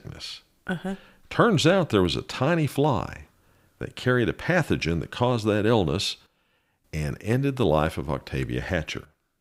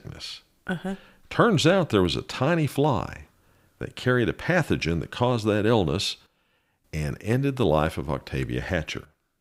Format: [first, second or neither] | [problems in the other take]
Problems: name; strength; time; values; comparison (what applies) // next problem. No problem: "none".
neither | none